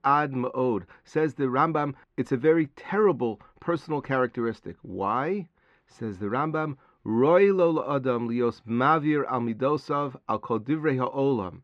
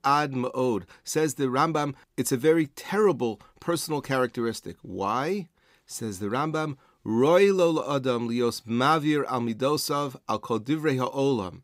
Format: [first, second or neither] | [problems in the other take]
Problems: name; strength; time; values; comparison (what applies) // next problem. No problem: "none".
second | muffled; very; fading above 2 kHz